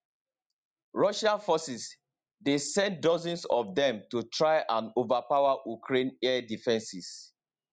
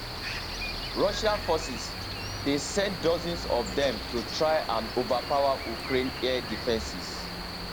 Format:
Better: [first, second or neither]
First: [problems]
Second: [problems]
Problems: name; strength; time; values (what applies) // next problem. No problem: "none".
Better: first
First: none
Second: background sound (Cricket); 5 dB below the speech